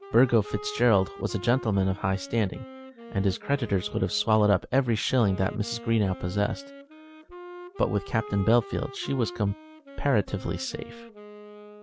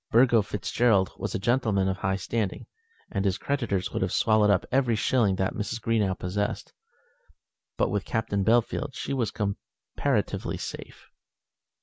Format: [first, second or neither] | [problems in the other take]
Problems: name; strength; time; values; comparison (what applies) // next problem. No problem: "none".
second | background sound (Wind instrument, woodwind instrument); 16 dB below the speech